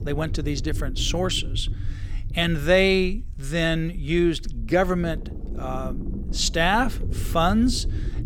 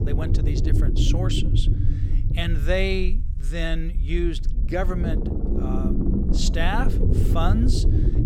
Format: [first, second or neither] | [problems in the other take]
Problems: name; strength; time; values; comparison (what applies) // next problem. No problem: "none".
first | low rumble; loud; throughout; 5 dB below the speech; faint in the first